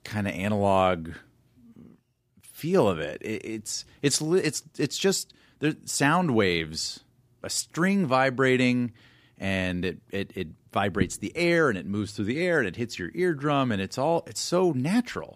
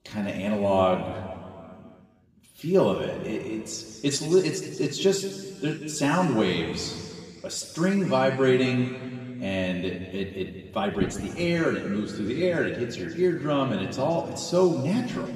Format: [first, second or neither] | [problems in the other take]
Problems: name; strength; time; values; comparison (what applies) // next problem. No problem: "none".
first | room echo; noticeable; dies away in 2 s // off-mic speech; far